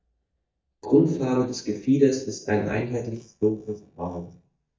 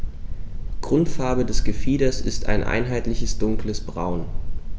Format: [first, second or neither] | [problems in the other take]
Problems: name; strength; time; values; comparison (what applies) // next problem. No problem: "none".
second | noise reduction (neural mask model DeepFilterNet 3)